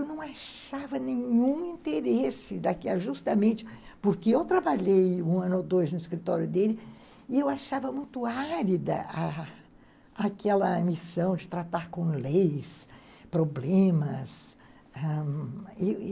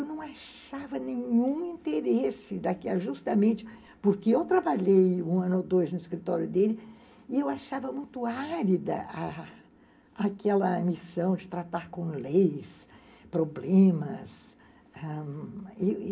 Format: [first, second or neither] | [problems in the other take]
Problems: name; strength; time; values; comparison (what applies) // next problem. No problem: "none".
first | room echo; dies away in 0.3 s